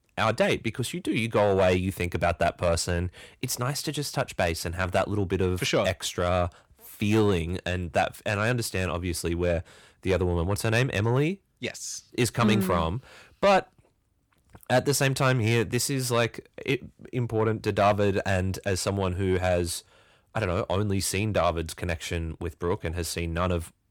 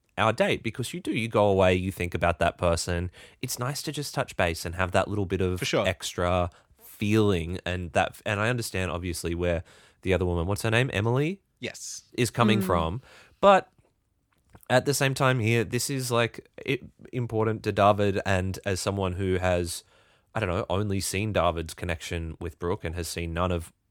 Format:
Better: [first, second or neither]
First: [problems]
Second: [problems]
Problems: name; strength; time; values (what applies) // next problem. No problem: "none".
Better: second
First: distortion; slight; 10 dB below the speech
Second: none